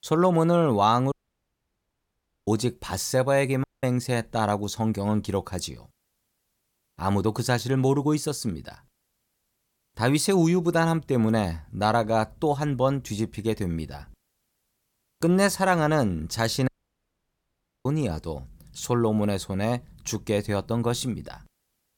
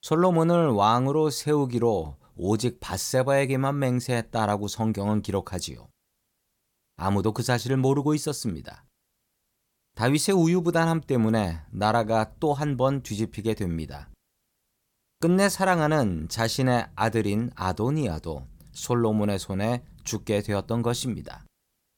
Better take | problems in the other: second | audio cutting out; at 1 s for 1.5 s, at 3.5 s and at 17 s for 1 s

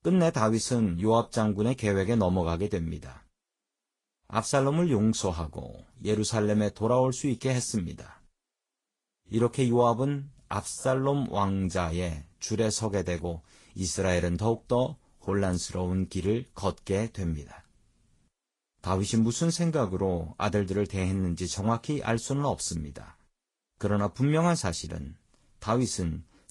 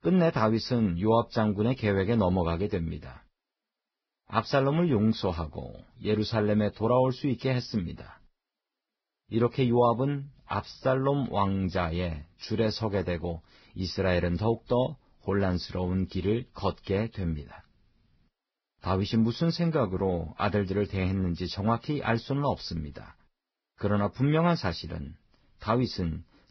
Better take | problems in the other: first | garbled, watery; badly; nothing above 5.5 kHz; slightly in the first

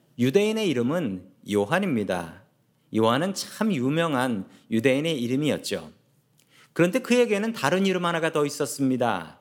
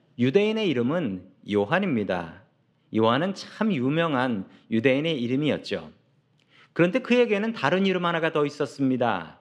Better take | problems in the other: first | muffled; very slightly; fading above 3 kHz

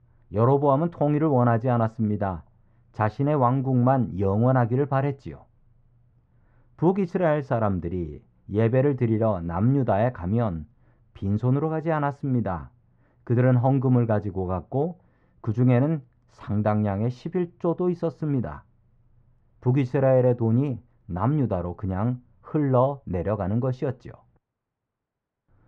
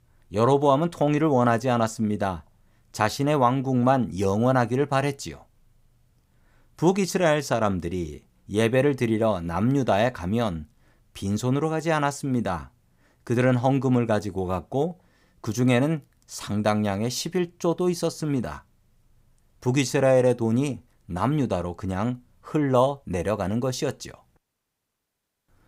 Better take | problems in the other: second | muffled; very; fading above 1.5 kHz

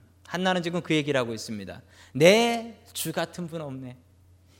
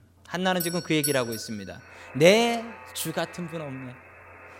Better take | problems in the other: first | alarms or sirens; noticeable; throughout; 10 dB below the speech

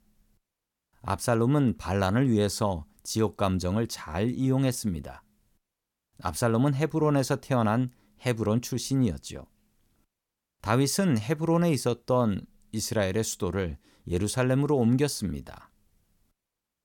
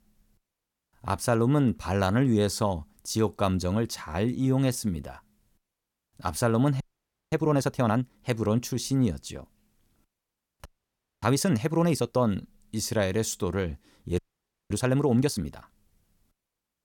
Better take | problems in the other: first | audio freezing; at 7 s for 0.5 s, at 11 s for 0.5 s and at 14 s for 0.5 s

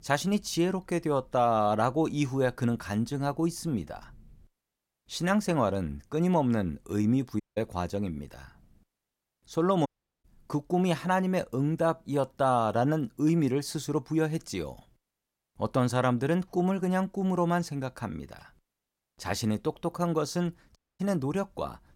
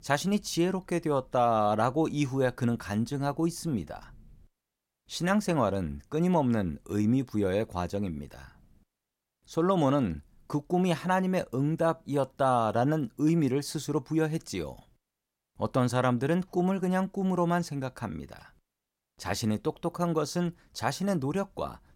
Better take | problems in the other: second | audio cutting out; at 7.5 s, at 10 s and at 21 s

